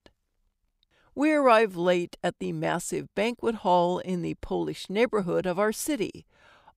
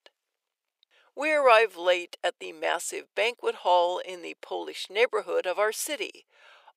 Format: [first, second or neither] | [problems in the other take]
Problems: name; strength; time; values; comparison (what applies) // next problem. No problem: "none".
first | thin; very; fading below 450 Hz